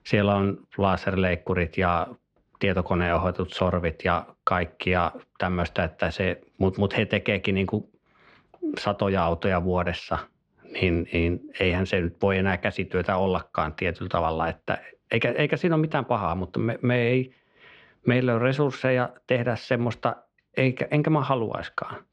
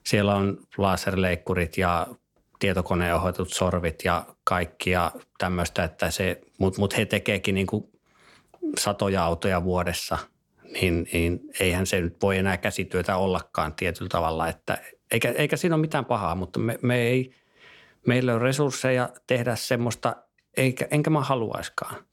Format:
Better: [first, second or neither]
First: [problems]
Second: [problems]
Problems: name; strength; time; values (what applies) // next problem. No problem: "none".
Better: second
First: muffled; slightly; fading above 3.5 kHz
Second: none